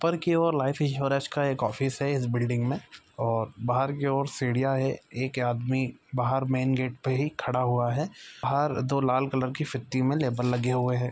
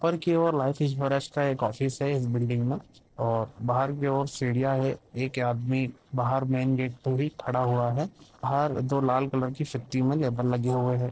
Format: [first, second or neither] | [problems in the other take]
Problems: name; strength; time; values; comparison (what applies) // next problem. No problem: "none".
first | noise reduction (neural separator model SepFormer DNS4)